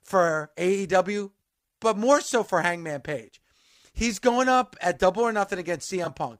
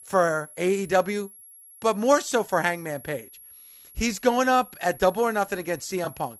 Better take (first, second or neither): first